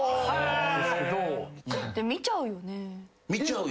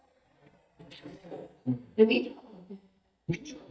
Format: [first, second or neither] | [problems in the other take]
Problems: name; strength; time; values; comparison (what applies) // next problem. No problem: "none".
first | noise reduction (neural mask model DeepFilterNet 3)